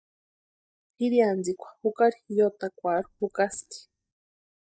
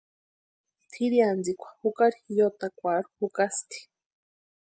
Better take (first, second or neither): second